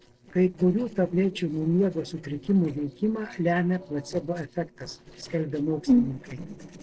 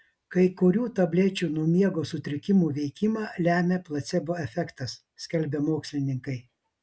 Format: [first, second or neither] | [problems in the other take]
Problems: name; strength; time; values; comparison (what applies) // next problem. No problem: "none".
second | noise reduction (neural separator model SepFormer DNS4)